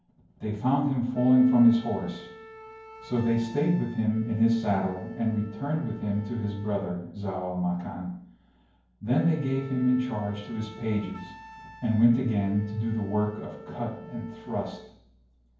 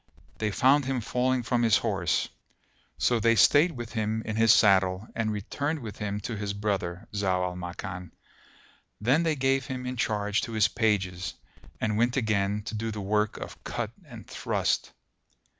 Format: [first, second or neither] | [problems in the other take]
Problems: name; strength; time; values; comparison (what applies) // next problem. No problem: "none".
second | background sound (Wind instrument, woodwind instrument); 20 dB below the speech // room echo; dies away in 0.9 s